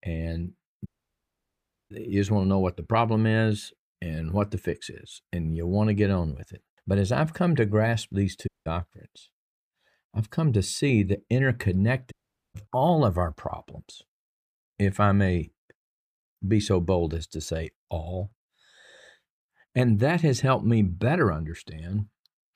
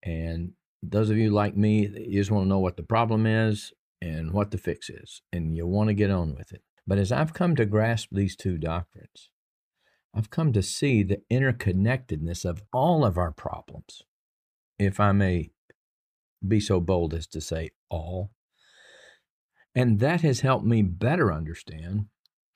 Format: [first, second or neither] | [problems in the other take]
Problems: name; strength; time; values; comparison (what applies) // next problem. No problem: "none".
second | audio cutting out; at 1 s for 1 s, at 8.5 s and at 12 s